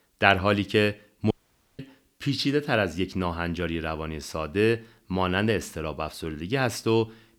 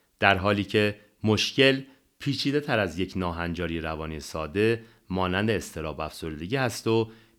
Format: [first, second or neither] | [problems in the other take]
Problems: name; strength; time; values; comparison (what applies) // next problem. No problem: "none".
second | audio cutting out; at 1.5 s